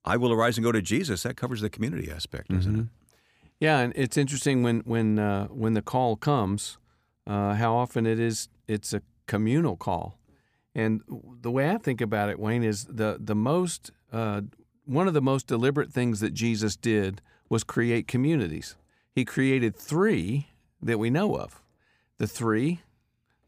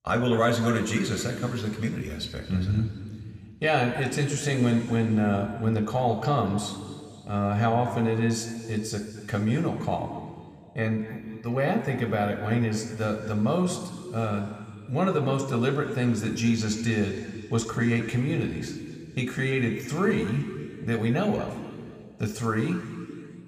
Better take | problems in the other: first | room echo; noticeable; dies away in 2.3 s

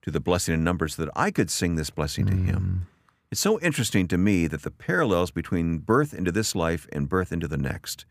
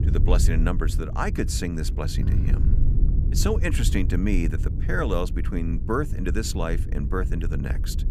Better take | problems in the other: first | wind noise on the microphone; occasional gusts; 10 dB below the speech

